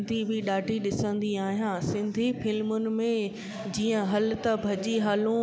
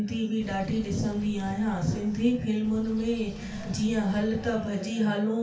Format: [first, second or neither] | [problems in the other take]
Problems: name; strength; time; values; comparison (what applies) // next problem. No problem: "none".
first | background sound (Bird); 16 dB below the speech // room echo; dies away in 0.3 s